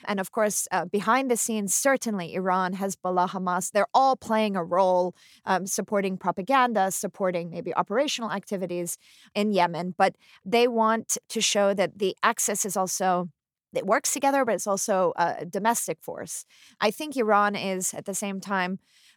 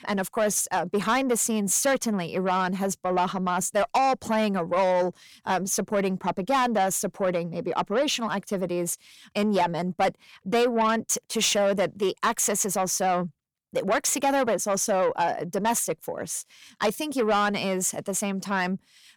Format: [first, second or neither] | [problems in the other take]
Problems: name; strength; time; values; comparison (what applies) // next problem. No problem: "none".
first | distortion; slight; 10 dB below the speech